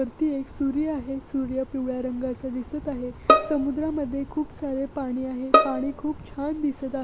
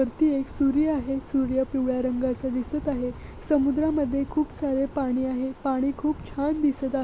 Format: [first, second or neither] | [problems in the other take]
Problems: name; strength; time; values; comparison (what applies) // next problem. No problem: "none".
second | background sound (Bowed string instrument); 3 dB above the speech